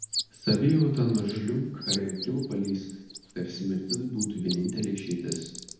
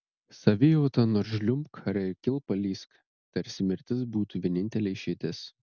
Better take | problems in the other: second | background sound (Bird); 9 dB below the speech // room echo; dies away in 0.9 s

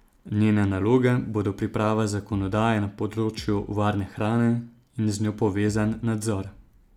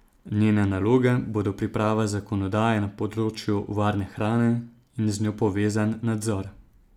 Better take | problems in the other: second | background sound (Bass drum); 18 dB below the speech

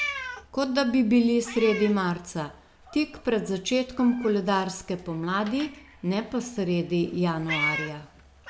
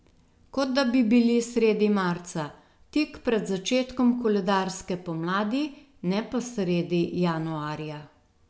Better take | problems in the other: second | background sound (Meow); 12 dB below the speech

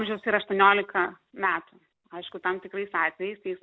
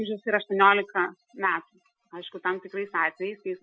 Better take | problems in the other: first | noise reduction (classical method Wiener filter)

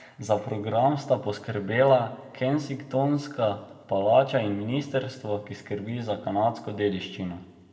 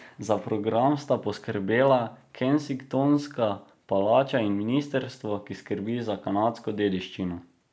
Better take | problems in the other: second | room echo; dies away in 1.3 s

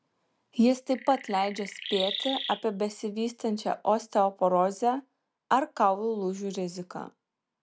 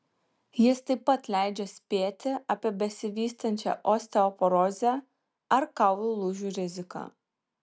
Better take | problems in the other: second | background sound (Chirp, tweet); 9 dB below the speech

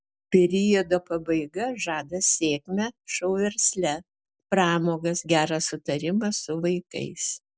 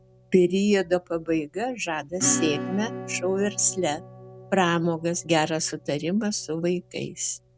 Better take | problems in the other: first | background sound (Acoustic guitar / Strum); 12 dB below the speech

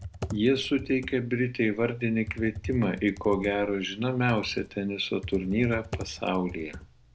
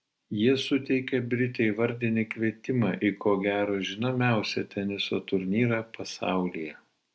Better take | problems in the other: second | background sound (Computer keyboard); 14 dB below the speech

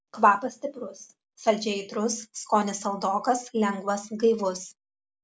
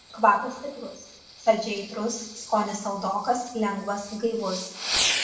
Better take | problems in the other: first | background sound (Fireworks); 7 dB below the speech // room echo; dies away in 0.7 s

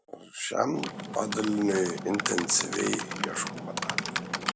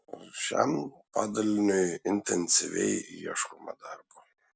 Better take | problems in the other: second | background sound (Typing); 4 dB below the speech

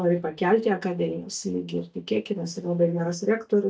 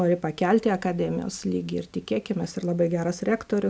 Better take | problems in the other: second | noise reduction (neural mask model DeepFilterNet 3)

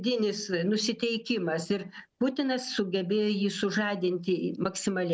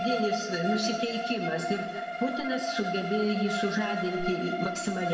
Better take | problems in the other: first | background sound (Bowed string instrument); 3 dB below the speech // room echo; dies away in 1.5 s

